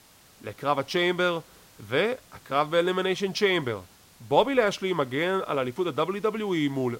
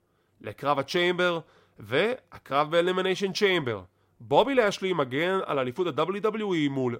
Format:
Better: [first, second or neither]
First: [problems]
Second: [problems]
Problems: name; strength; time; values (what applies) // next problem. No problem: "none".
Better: second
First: hiss; faint; throughout; 25 dB below the speech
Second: none